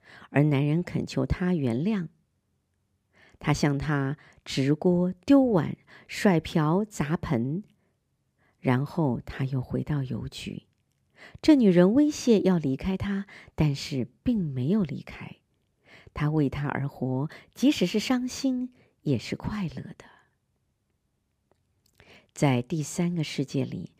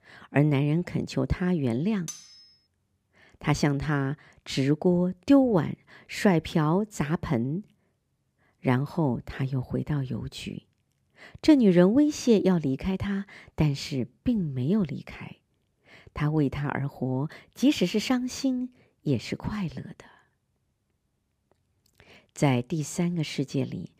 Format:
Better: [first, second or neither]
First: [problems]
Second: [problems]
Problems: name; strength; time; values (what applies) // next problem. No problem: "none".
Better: first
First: none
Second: clattering dishes; faint; at 2 s; peak 15 dB below the speech